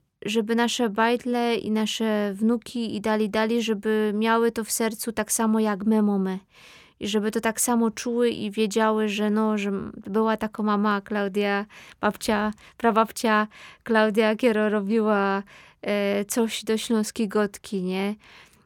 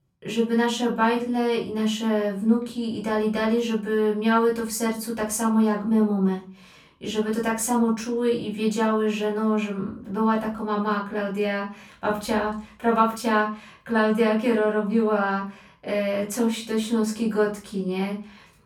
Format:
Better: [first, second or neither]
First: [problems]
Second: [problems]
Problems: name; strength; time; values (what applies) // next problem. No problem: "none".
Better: first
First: none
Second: off-mic speech; far // room echo; slight; dies away in 0.3 s